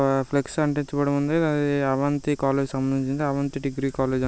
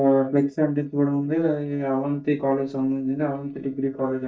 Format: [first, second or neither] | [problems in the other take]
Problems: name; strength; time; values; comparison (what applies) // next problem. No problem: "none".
first | noise reduction (neural mask model DeepFilterNet 3)